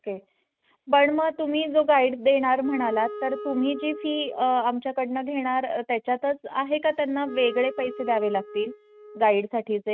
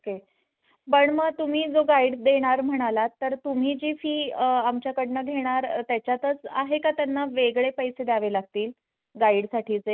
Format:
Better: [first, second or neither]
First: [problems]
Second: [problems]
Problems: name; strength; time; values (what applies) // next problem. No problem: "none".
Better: second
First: noise reduction (neural mask model RNNoise)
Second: none